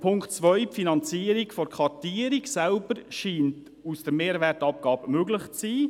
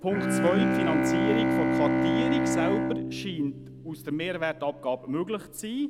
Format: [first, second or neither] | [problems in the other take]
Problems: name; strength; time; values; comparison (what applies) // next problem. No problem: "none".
first | background sound (Bowed string instrument); 3 dB above the speech